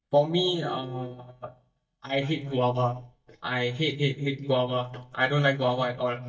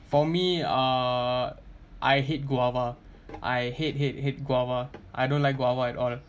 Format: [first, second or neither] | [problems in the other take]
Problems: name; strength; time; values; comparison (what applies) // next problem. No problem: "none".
second | noise reduction (neural mask model DeepFilterNet 3)